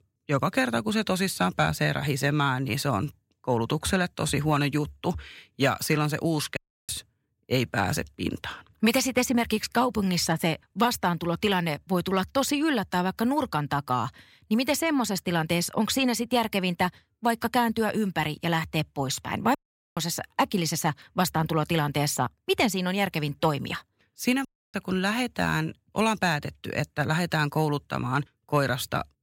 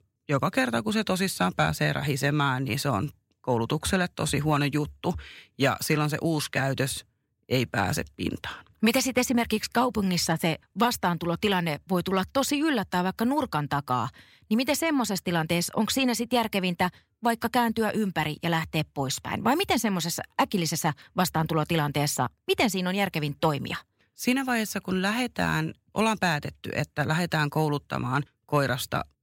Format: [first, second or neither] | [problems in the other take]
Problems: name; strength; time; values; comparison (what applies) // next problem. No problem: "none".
second | audio cutting out; at 6.5 s, at 20 s and at 24 s